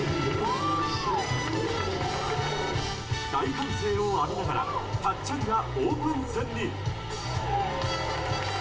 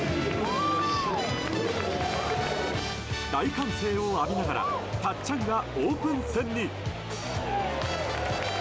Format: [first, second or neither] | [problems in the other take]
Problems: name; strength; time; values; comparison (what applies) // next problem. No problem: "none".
second | background sound (Bird); 20 dB below the speech // room echo; dies away in 0.4 s